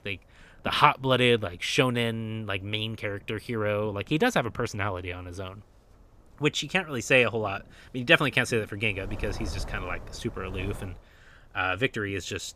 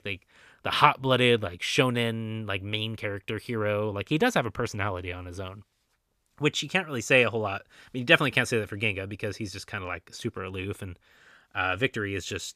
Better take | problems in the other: second | wind noise on the microphone; occasional gusts; 25 dB below the speech

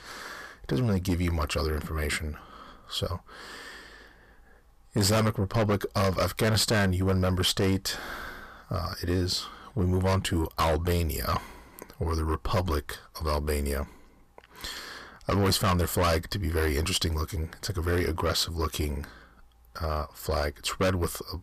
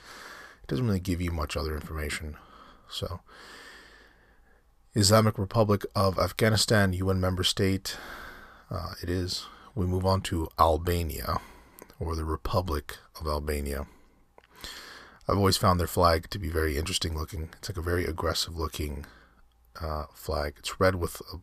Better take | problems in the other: second | distortion; heavy; 7 dB below the speech

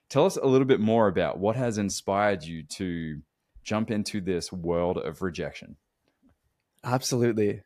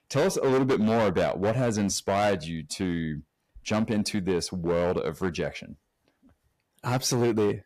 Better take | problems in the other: first | distortion; heavy; 10% of the sound clipped

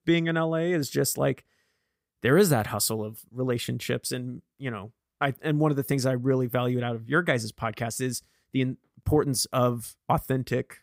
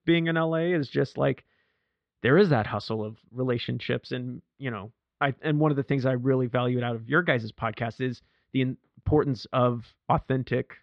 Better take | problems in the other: first | muffled; slightly; fading above 4 kHz

